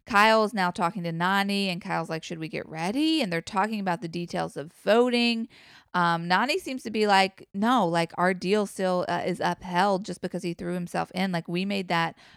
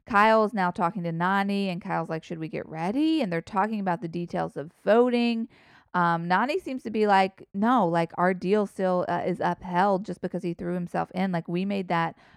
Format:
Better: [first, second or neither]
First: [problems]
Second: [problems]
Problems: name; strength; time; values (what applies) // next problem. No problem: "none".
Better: first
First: none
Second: muffled; slightly; fading above 2.5 kHz